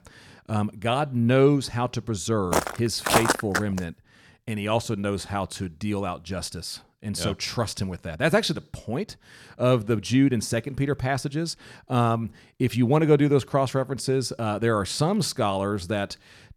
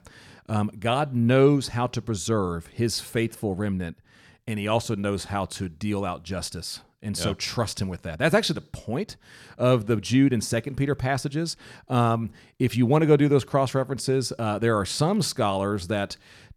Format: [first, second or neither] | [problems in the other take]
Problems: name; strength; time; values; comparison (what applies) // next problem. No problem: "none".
second | footsteps; loud; from 2.5 to 4 s; peak 4 dB above the speech